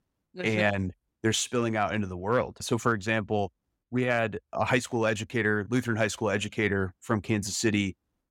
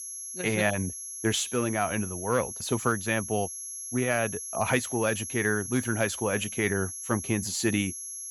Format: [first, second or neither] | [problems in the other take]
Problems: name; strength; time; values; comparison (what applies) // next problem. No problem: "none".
first | high-pitched whine; loud; throughout; 11 kHz, 7 dB below the speech